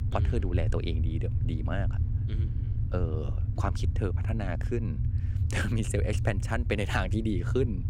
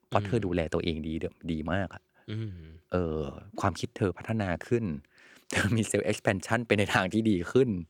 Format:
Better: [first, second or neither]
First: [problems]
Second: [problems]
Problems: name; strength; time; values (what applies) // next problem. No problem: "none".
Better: second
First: low rumble; noticeable; throughout; 10 dB below the speech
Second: none